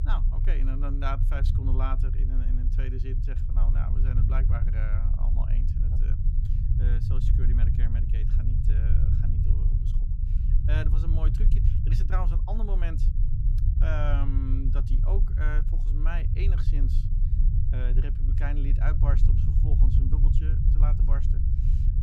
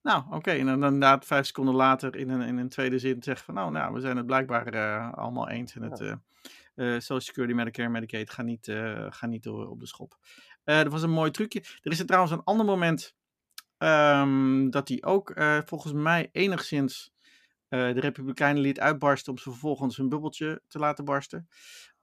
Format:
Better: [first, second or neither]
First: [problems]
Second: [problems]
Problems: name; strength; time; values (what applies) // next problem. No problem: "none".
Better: second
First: low rumble; loud; throughout; 3 dB below the speech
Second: none